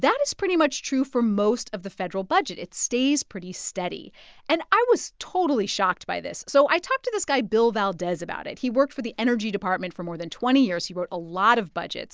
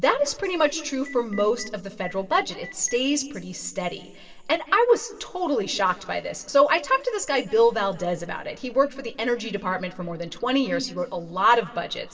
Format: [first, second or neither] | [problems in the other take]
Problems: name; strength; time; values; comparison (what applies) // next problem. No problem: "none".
first | background sound (Telephone); 19 dB below the speech // room echo; dies away in 2 s